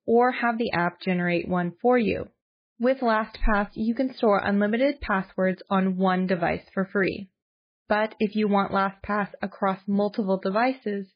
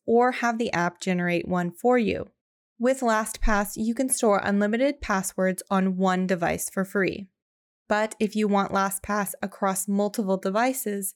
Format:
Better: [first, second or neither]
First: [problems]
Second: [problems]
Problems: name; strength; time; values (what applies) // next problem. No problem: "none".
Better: second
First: garbled, watery; badly; nothing above 4.5 kHz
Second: none